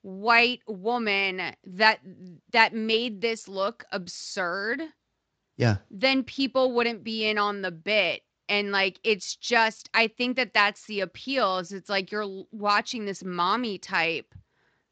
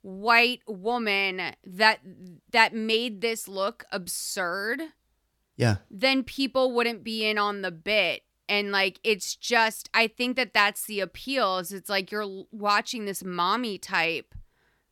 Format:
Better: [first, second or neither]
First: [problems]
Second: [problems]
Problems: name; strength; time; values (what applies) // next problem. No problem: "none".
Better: second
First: garbled, watery; slightly; nothing above 7.5 kHz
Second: none